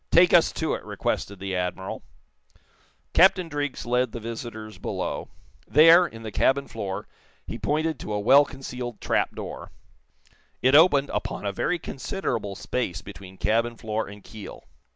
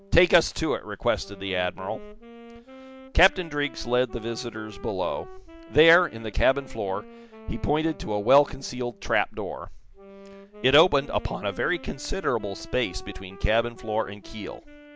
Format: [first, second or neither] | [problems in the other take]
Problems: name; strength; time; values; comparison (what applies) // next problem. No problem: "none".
first | background sound (Wind instrument, woodwind instrument); 20 dB below the speech